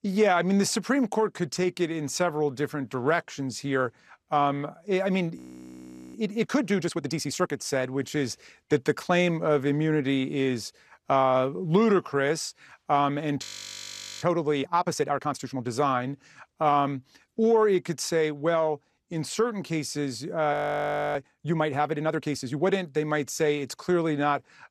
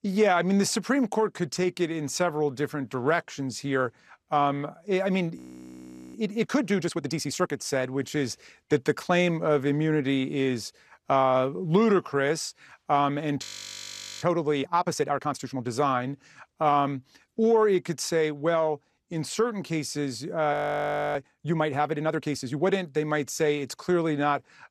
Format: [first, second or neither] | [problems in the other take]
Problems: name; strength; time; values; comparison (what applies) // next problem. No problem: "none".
neither | audio freezing; at 5.5 s for 1 s, at 13 s for 1 s and at 21 s for 0.5 s; the same in both